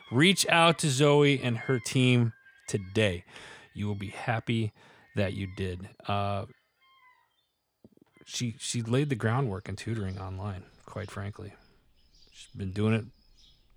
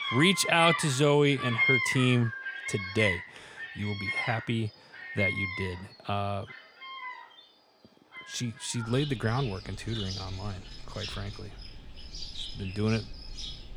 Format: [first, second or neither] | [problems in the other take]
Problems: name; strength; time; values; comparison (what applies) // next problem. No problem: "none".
first | animal sounds; loud; throughout; 4 dB below the speech; faint in the first